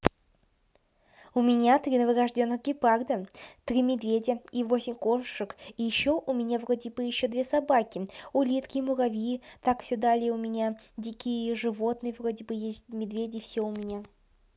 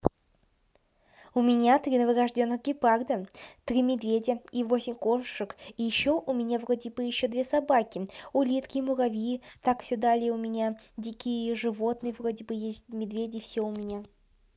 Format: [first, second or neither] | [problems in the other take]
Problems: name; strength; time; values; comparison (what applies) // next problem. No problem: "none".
first | noise reduction (neural mask model Resemble Enhance denoiser)